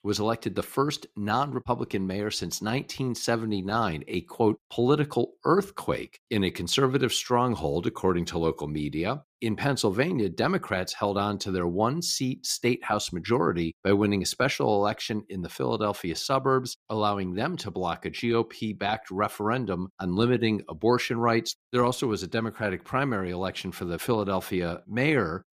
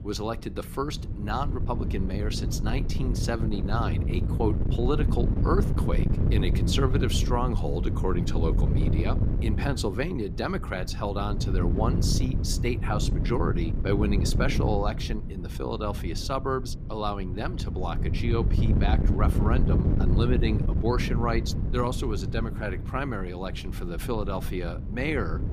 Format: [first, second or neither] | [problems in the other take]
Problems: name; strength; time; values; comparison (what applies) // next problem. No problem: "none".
first | wind noise on the microphone; heavy; 7 dB below the speech